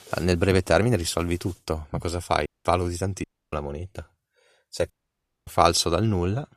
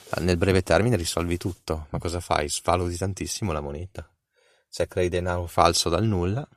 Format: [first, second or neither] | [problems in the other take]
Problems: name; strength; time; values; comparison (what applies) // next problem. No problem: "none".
second | audio cutting out; at 2.5 s, at 3 s and at 5 s for 0.5 s